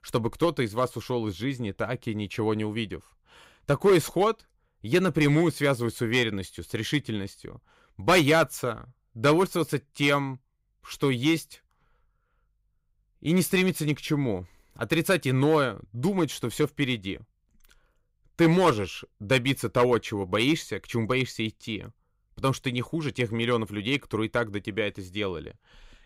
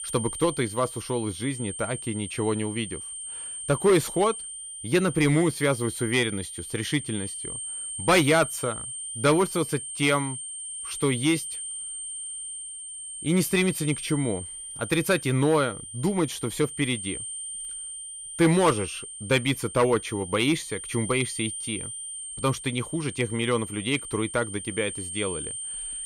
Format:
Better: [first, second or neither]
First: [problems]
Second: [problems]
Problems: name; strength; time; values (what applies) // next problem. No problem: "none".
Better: first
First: none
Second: high-pitched whine; loud; throughout; 8.5 kHz, 8 dB below the speech